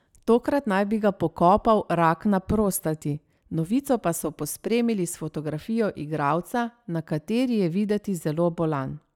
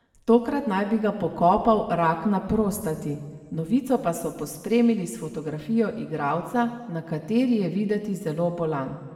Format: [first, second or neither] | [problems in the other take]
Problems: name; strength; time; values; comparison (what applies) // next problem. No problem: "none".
first | room echo; dies away in 1.3 s